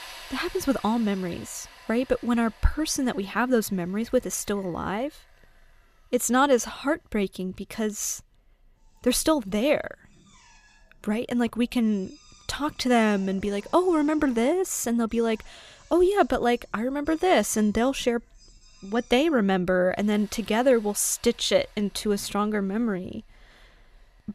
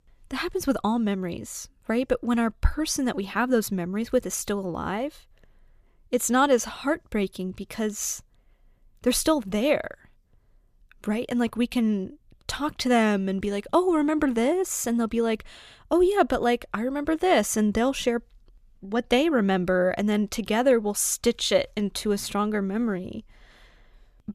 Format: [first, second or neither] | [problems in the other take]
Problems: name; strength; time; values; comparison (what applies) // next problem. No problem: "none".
second | machinery noise; faint; throughout; 25 dB below the speech